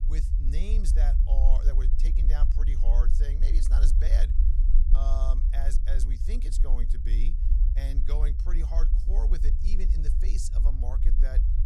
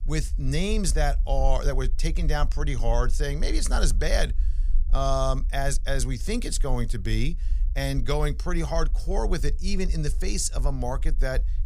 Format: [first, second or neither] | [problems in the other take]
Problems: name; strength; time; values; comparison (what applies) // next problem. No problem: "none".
second | low rumble; loud; throughout; 5 dB below the speech; faint in the second